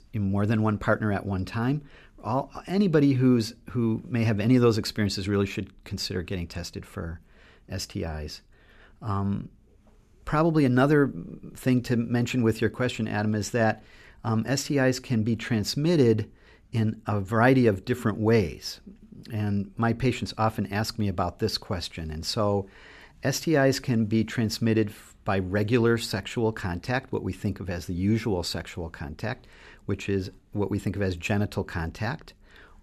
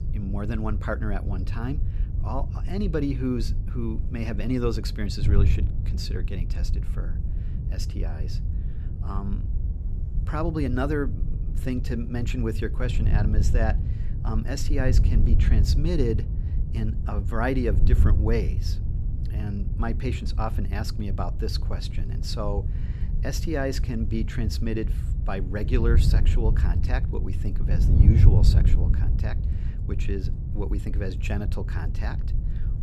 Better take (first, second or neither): first